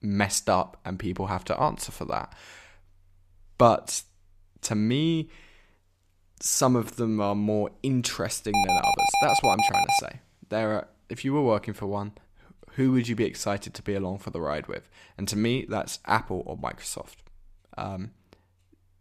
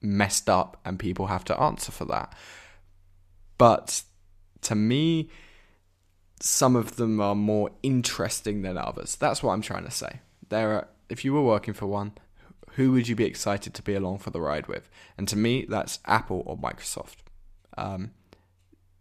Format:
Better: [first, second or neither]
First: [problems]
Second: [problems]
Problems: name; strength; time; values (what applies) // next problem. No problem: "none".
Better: second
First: alarm; loud; from 8.5 to 10 s; peak 6 dB above the speech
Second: none